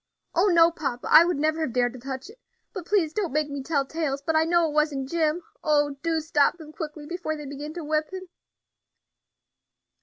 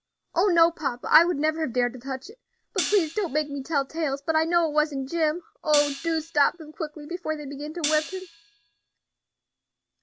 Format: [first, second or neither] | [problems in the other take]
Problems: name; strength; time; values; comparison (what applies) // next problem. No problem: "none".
first | background sound (Hi-hat); 10 dB below the speech